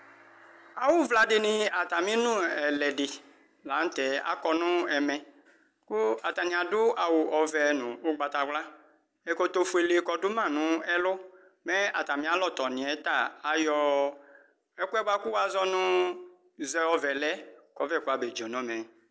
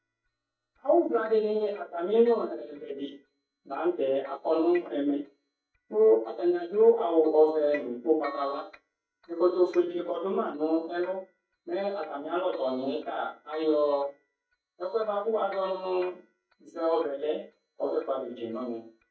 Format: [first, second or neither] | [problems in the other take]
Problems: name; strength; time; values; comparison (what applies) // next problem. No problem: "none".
first | noise reduction (neural mask model DeepFilterNet 3)